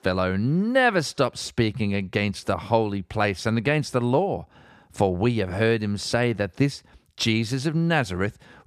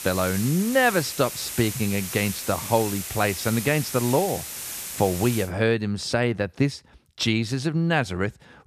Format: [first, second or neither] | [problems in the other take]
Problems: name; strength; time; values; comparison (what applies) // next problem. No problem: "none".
first | hiss; loud; until 5.5 s; 7 dB below the speech